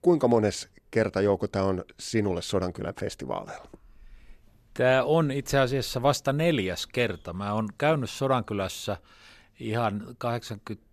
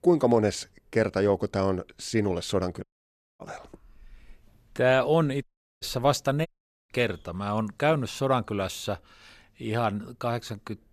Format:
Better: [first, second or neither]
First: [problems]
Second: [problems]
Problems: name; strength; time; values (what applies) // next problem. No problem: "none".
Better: first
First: none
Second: audio cutting out; at 3 s for 0.5 s, at 5.5 s and at 6.5 s